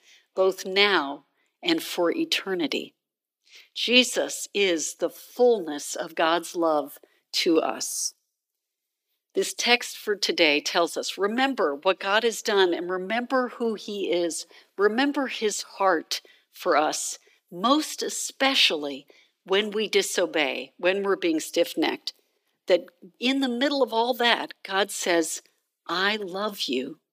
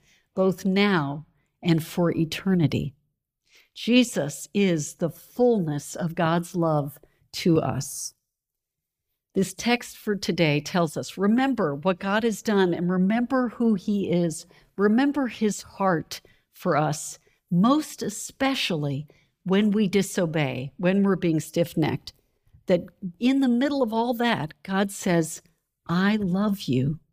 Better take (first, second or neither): second